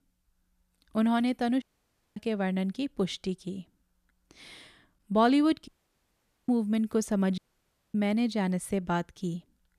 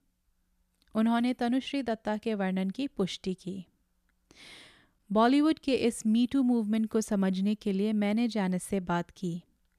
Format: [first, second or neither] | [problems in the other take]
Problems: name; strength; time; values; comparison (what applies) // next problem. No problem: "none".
second | audio cutting out; at 1.5 s for 0.5 s, at 5.5 s for 1 s and at 7.5 s for 0.5 s